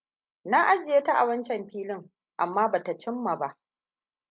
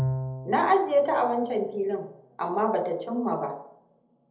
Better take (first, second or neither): first